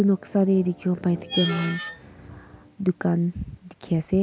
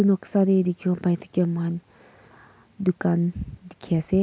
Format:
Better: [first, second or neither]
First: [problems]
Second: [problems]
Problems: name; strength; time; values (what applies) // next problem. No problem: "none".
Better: second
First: background sound (Screech); 13 dB below the speech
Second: none